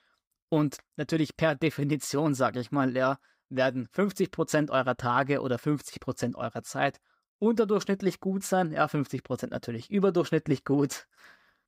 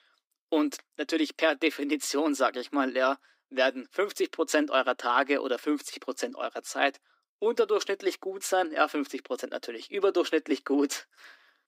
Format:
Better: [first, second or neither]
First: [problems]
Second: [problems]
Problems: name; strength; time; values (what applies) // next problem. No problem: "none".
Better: first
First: none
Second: thin; very slightly; fading below 300 Hz